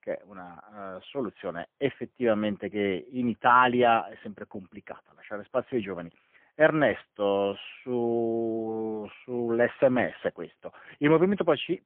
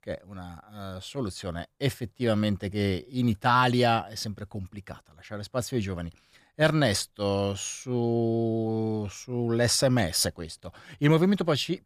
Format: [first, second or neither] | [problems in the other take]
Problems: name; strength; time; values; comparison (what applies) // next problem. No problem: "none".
second | phone-call audio; poor line; nothing above 3.5 kHz